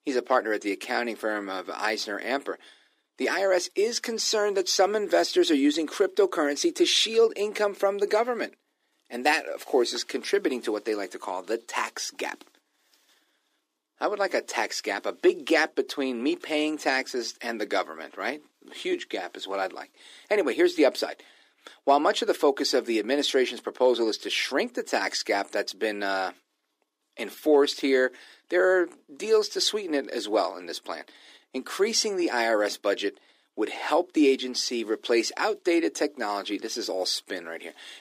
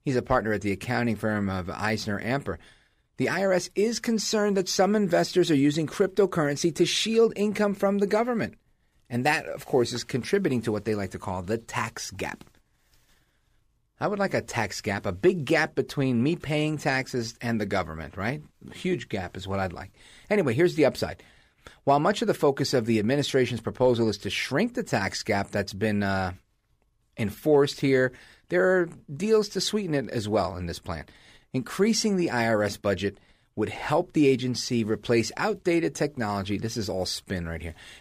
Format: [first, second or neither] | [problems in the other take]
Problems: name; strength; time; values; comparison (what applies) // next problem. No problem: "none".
second | thin; somewhat; fading below 300 Hz